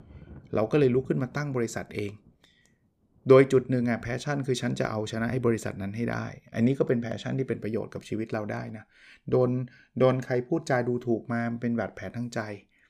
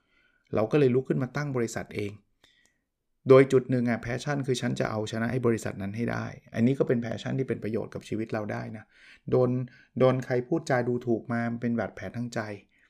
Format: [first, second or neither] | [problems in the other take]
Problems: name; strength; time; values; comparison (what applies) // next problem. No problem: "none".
second | rain or running water; faint; throughout; 25 dB below the speech